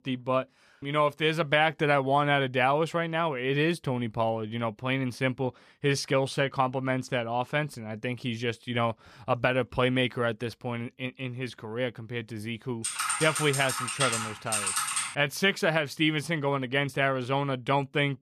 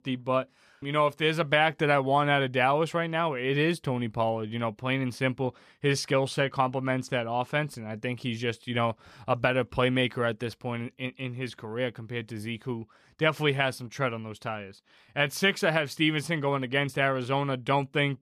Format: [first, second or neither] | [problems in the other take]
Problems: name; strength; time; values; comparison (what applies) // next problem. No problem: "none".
second | keyboard typing; loud; from 13 to 15 s; peak 1 dB above the speech